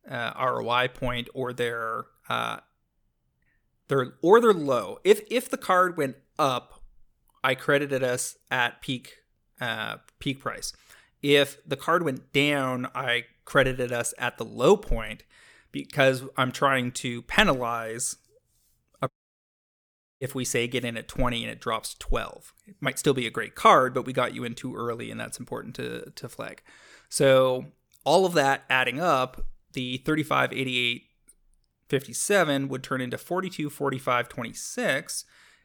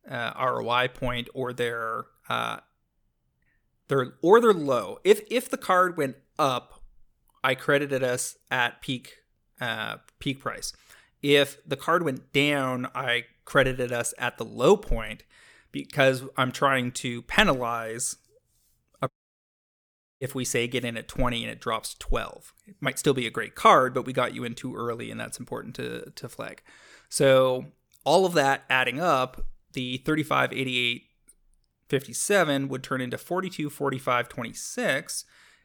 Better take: neither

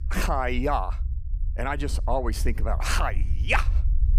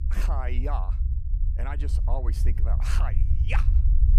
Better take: first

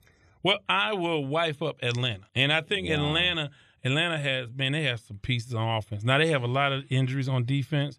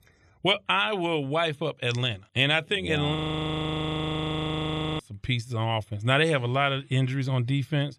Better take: first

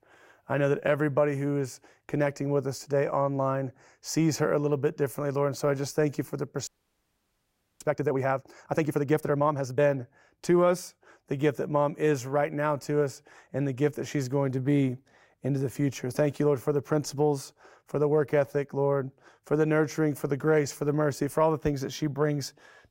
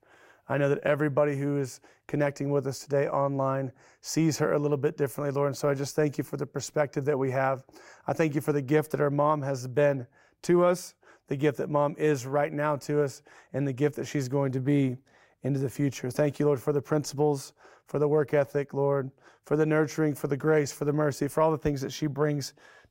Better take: second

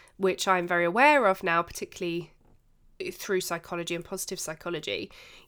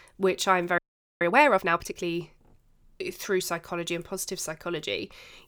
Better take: first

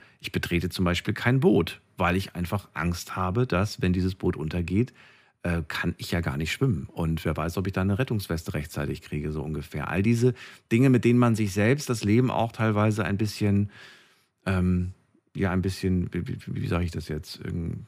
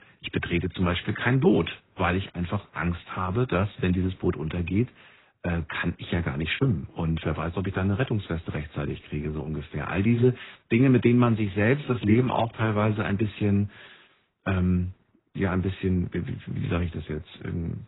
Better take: first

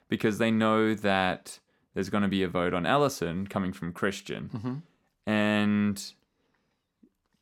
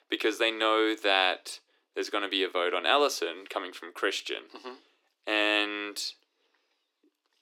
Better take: first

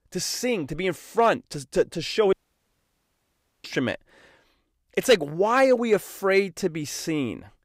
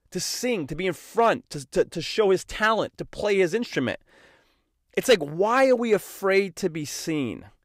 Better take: second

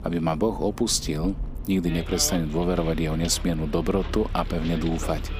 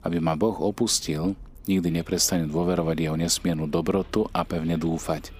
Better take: second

